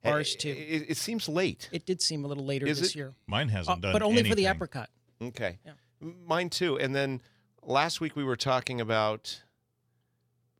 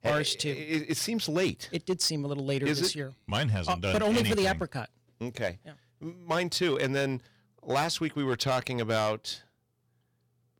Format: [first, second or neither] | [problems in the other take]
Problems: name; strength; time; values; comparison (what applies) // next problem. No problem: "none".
first | distortion; slight; 6% of the sound clipped